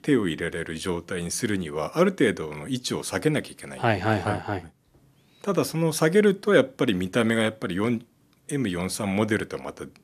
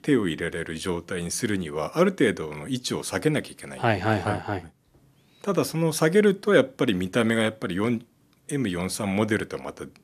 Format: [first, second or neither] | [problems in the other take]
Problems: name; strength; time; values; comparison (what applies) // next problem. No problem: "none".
neither | none